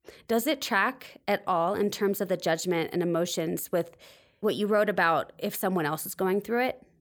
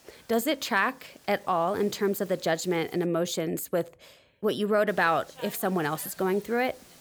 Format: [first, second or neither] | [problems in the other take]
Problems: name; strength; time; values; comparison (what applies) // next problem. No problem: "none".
first | hiss; faint; until 3 s and from 5 s on; 25 dB below the speech